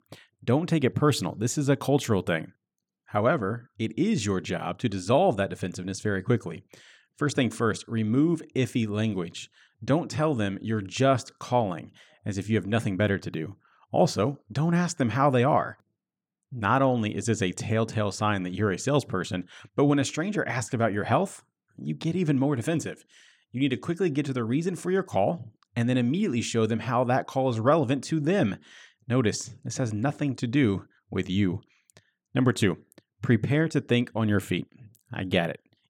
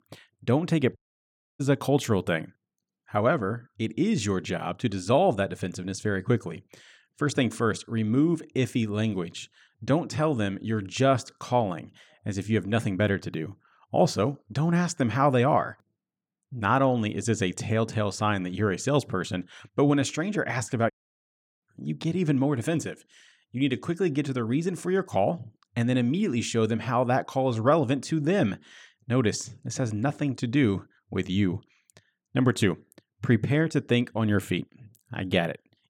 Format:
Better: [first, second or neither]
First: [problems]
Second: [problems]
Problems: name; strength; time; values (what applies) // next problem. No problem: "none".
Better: first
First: none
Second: audio cutting out; at 1 s for 0.5 s and at 21 s for 0.5 s